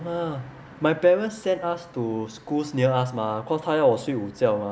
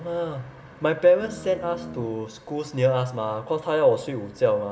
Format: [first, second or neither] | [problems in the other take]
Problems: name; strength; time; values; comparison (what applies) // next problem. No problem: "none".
first | background sound (Guitar); 13 dB below the speech // room echo; dies away in 2.1 s